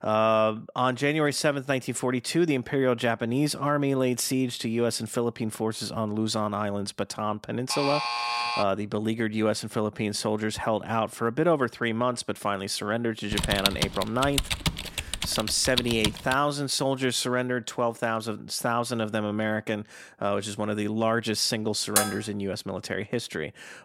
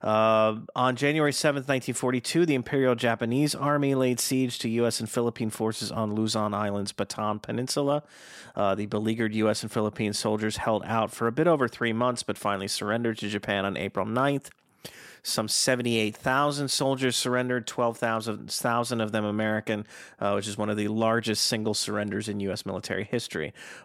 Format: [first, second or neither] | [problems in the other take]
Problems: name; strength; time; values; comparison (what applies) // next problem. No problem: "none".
second | alarm; loud; at 7.5 s; peak level with the speech // keyboard typing; loud; from 13 to 16 s; peak 2 dB above the speech // clattering dishes; loud; at 22 s; peak 3 dB above the speech